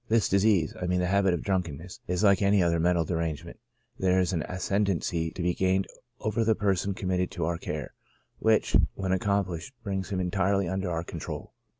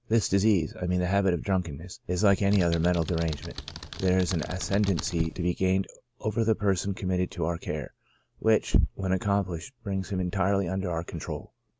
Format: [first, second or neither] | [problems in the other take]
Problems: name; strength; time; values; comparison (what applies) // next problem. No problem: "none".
first | background sound (Computer keyboard); 11 dB below the speech